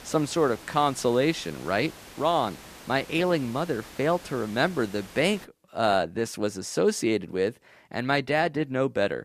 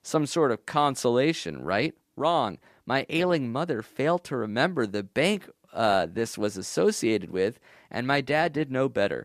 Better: second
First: hiss; noticeable; until 5.5 s; 20 dB below the speech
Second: none

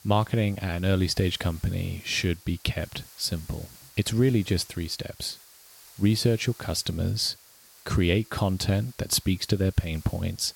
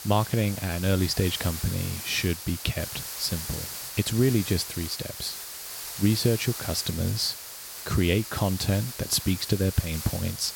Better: first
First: hiss; faint; throughout; 20 dB below the speech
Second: hiss; loud; throughout; 7 dB below the speech

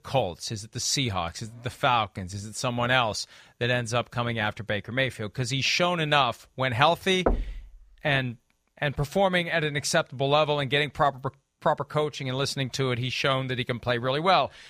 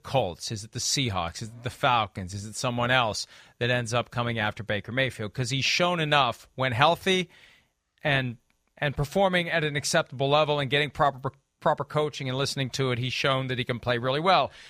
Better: second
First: door banging; noticeable; at 7.5 s; peak 3 dB below the speech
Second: none

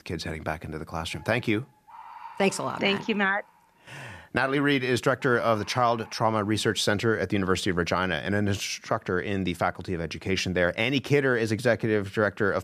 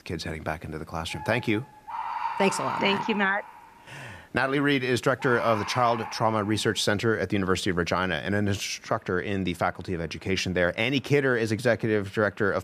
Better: first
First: animal sounds; faint; throughout; 20 dB below the speech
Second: animal sounds; loud; throughout; 9 dB below the speech

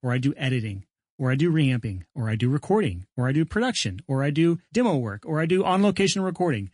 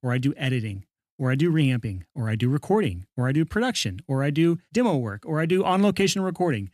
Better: second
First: garbled, watery; slightly; nothing above 10.5 kHz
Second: none

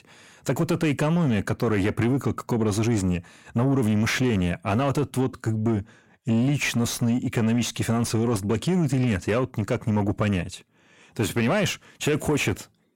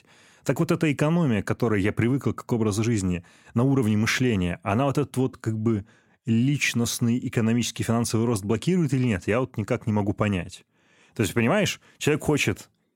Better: second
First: distortion; slight; 10 dB below the speech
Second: none

